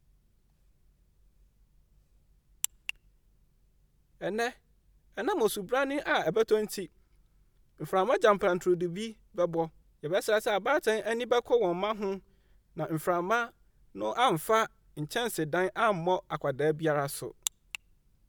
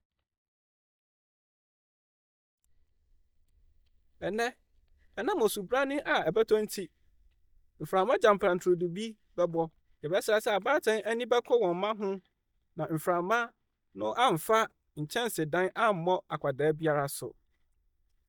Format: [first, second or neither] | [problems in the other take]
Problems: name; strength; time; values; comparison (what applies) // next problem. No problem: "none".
first | noise reduction (neural mask model DeepFilterNet 3)